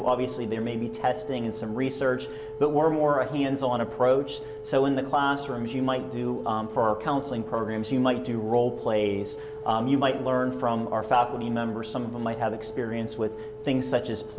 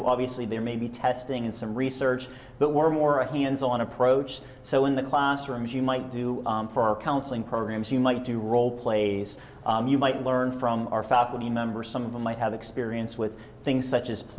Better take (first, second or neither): second